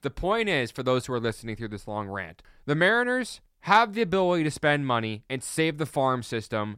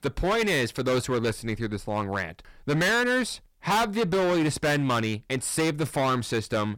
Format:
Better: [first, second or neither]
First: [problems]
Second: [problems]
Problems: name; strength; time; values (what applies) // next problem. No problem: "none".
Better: first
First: none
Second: distortion; heavy; 17% of the sound clipped